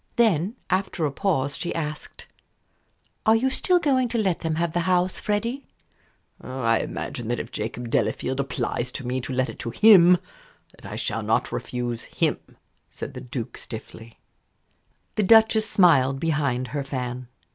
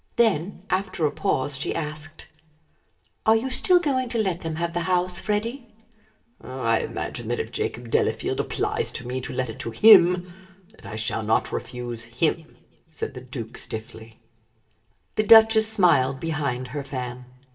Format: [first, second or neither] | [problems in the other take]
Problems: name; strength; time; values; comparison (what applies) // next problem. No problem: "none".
first | room echo; dies away in 0.7 s